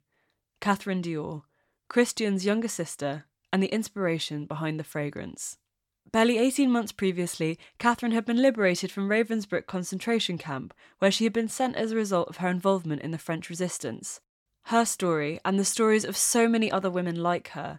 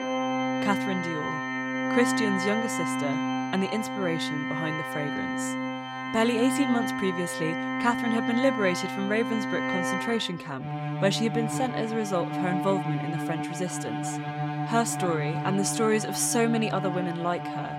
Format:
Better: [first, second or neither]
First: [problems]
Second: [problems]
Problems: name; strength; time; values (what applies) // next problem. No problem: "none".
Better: first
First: none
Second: background music; loud; throughout; 1 dB below the speech